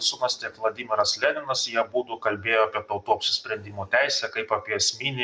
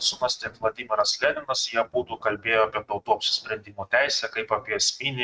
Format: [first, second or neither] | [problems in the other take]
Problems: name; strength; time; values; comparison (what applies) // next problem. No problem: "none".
first | noise reduction (neural mask model RNNoise)